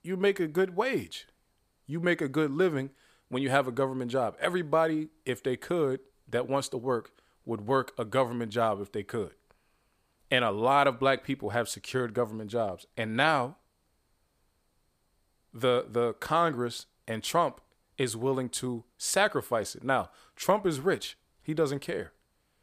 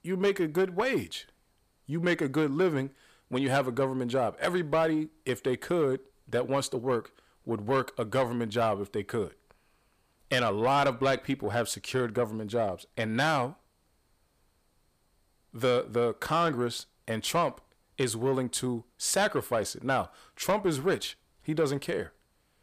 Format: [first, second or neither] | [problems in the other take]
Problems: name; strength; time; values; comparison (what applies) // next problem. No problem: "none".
first | distortion; slight; 10 dB below the speech